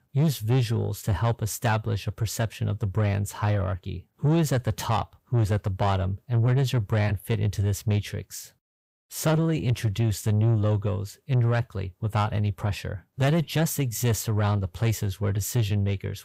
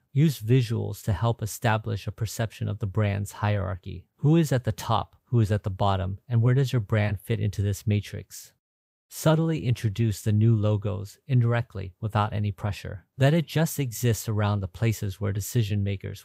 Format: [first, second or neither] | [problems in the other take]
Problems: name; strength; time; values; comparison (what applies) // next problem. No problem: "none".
second | distortion; slight; 10 dB below the speech